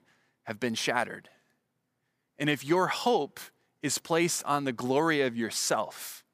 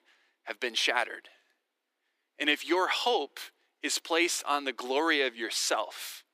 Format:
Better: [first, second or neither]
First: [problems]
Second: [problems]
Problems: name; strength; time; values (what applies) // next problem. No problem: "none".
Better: first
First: none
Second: thin; somewhat; fading below 300 Hz